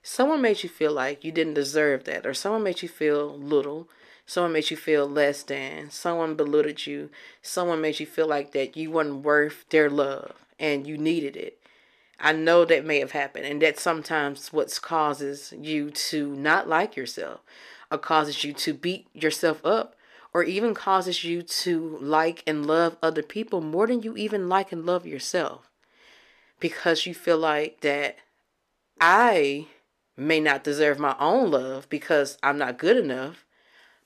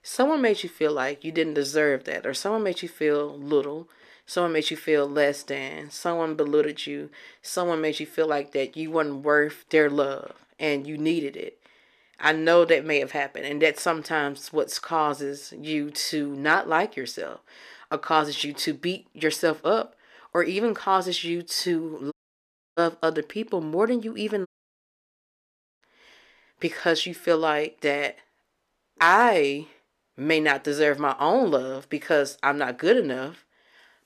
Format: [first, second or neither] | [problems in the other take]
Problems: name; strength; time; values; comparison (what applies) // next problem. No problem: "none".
first | audio cutting out; at 22 s for 0.5 s and at 24 s for 1.5 s